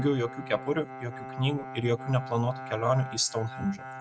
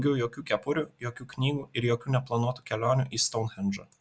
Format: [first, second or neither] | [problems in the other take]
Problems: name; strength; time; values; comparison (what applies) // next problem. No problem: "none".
second | noise reduction (neural mask model RNNoise)